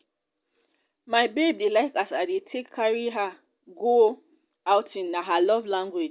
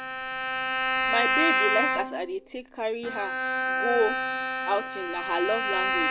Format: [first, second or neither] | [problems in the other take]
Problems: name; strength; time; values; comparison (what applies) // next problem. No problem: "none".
first | background sound (Bowed string instrument); 3 dB above the speech